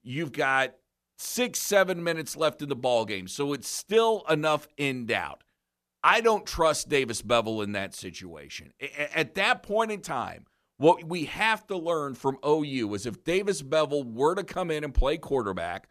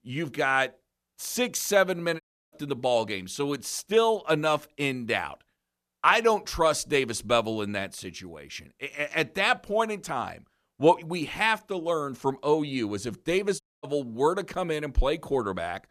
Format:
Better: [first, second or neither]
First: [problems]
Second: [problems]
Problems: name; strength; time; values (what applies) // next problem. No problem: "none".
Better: first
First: none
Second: audio cutting out; at 2 s and at 14 s